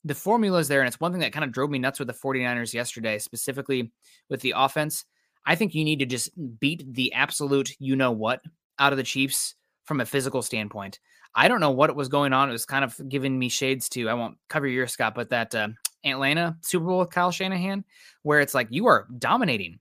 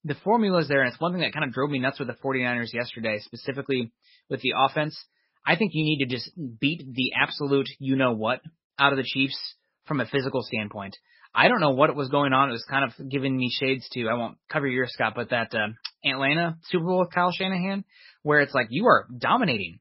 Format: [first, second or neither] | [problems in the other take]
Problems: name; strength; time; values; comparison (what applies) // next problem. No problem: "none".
first | garbled, watery; badly; nothing above 5.5 kHz